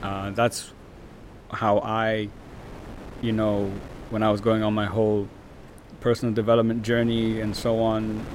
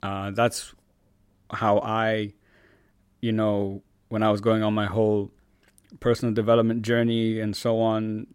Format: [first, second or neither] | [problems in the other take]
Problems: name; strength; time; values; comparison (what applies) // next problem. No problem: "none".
second | wind noise on the microphone; occasional gusts; 20 dB below the speech